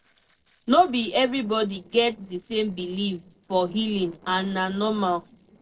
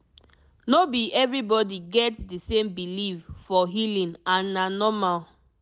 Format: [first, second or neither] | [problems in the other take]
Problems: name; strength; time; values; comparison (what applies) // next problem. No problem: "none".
second | noise reduction (neural separator model SepFormer DNS4)